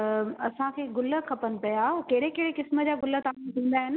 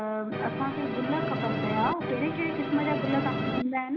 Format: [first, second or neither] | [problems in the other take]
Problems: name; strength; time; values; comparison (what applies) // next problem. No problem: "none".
first | background sound (Musical instrument); as loud as the speech // room echo; dies away in 0.4 s